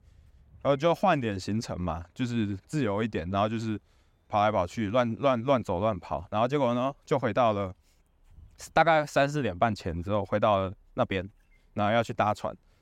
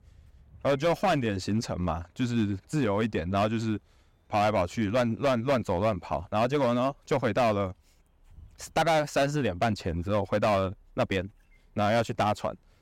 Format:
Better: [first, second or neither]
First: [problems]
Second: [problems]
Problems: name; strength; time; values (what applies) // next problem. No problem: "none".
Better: first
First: none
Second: distortion; slight; 8% of the sound clipped